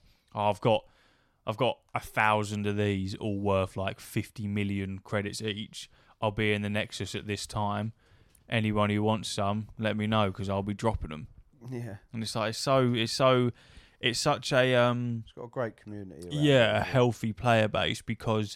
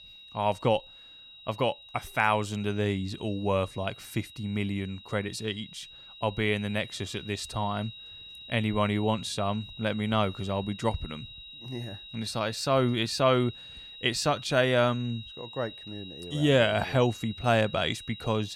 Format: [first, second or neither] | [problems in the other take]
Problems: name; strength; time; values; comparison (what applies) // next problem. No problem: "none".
first | high-pitched whine; noticeable; throughout; 4 kHz, 15 dB below the speech